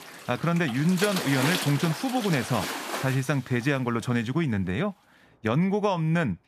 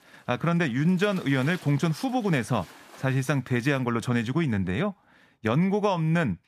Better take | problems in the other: second | rain or running water; loud; throughout; 6 dB below the speech; faint in the second

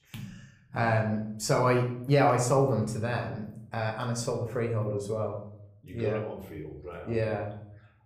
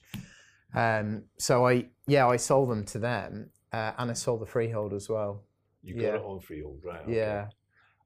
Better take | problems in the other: second | room echo; slight; dies away in 0.6 s // off-mic speech; somewhat distant

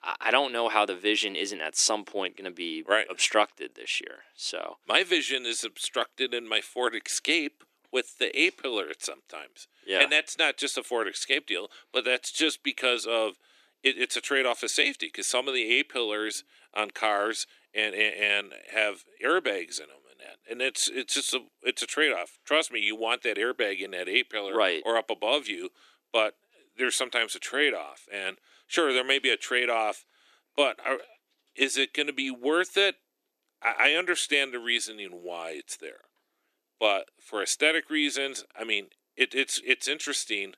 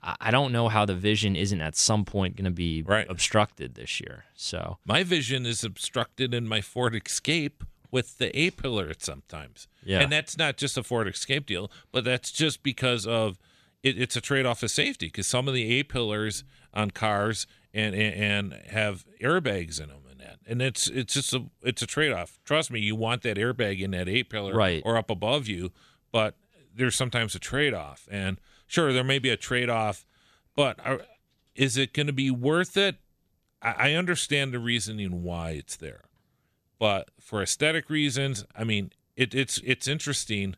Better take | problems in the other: second | thin; somewhat; fading below 300 Hz

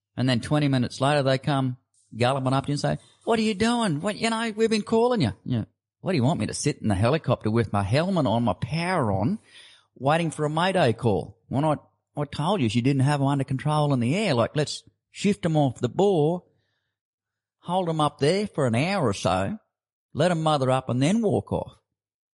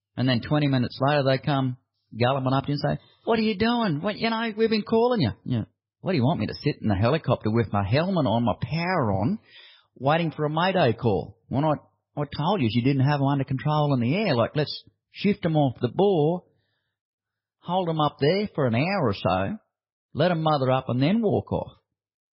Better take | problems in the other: first | garbled, watery; badly; nothing above 5.5 kHz; slightly in the first

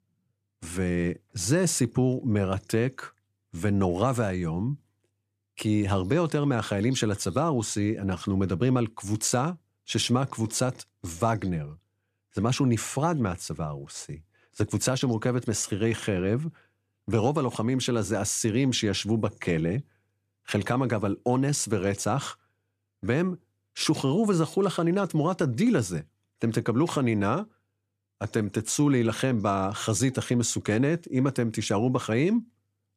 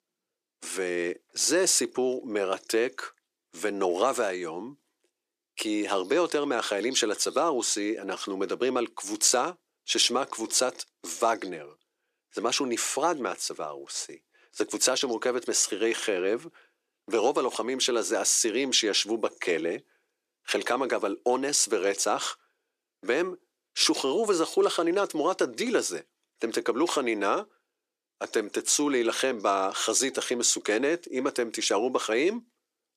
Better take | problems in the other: first | thin; somewhat; fading below 350 Hz

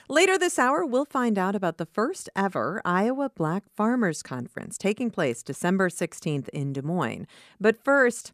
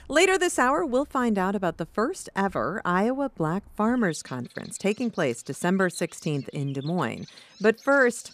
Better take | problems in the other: first | animal sounds; faint; throughout; 25 dB below the speech

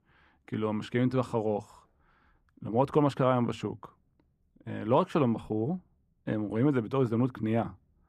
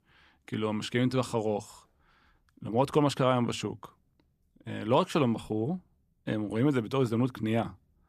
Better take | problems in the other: second | muffled; slightly; fading above 2.5 kHz

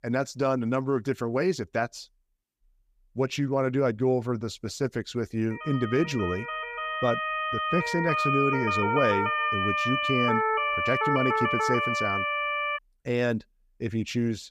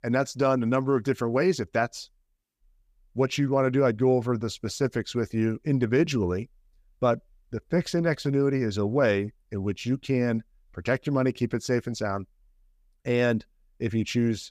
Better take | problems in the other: second | siren; loud; from 5.5 to 13 s; peak 4 dB above the speech

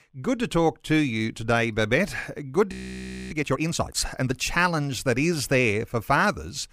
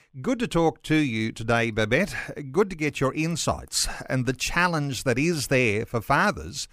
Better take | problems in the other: second | audio freezing; at 2.5 s for 0.5 s

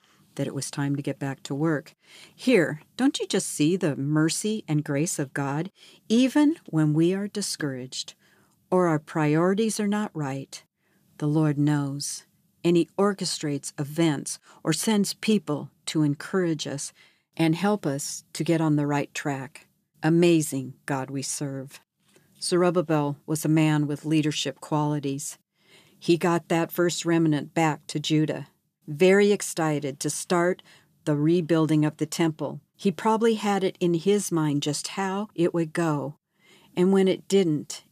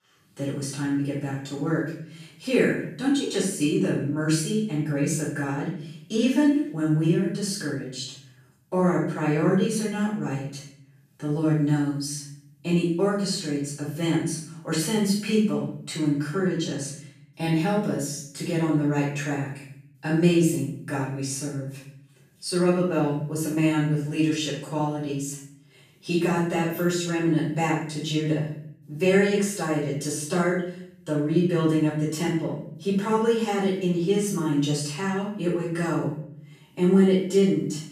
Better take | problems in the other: first | off-mic speech; far // room echo; noticeable; dies away in 0.6 s

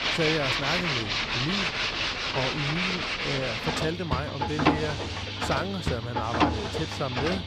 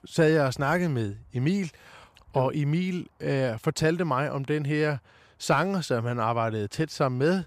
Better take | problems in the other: second | machinery noise; very loud; throughout; 5 dB above the speech

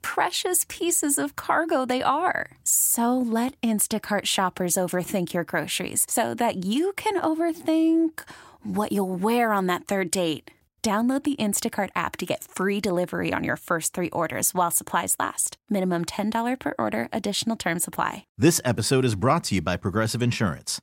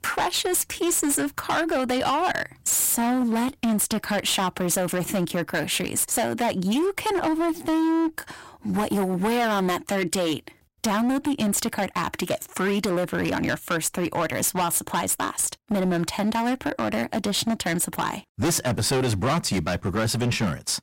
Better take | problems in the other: first | distortion; heavy; 21% of the sound clipped

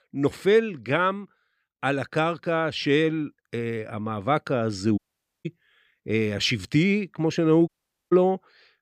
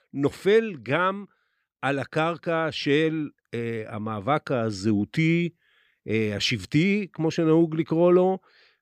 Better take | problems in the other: second | audio cutting out; at 5 s and at 7.5 s

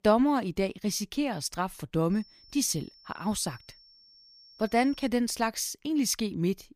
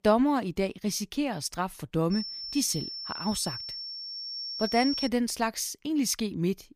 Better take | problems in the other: first | high-pitched whine; loud; from 2 to 5 s; 5.5 kHz, 5 dB below the speech; faint in the first

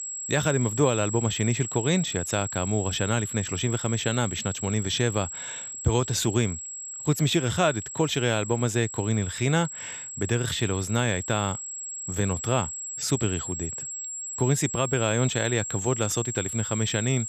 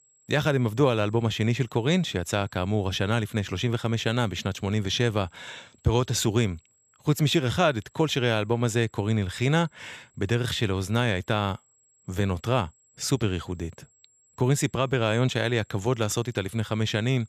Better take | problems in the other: second | high-pitched whine; loud; throughout; 7.5 kHz, 6 dB below the speech; faint in the second

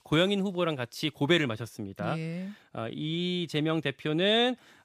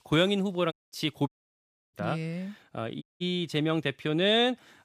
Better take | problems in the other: first | audio cutting out; at 0.5 s, at 1.5 s for 0.5 s and at 3 s

